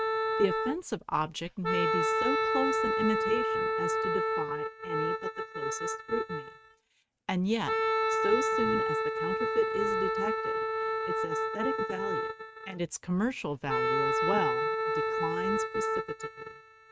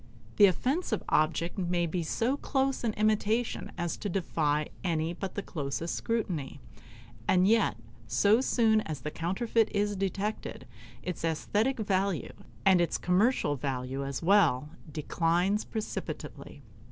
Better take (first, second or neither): second